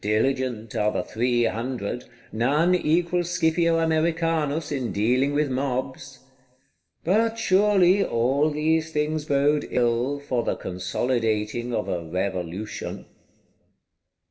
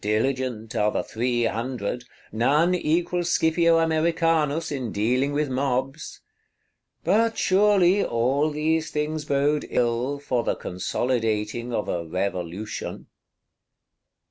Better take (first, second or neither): second